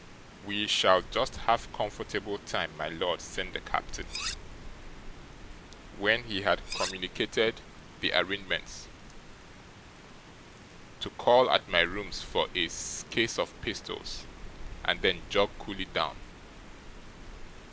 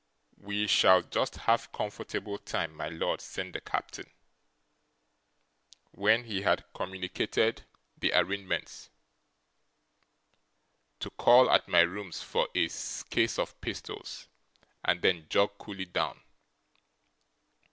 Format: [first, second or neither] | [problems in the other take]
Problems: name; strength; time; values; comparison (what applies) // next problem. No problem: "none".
second | background sound (Cutlery, silverware + Rain); 12 dB below the speech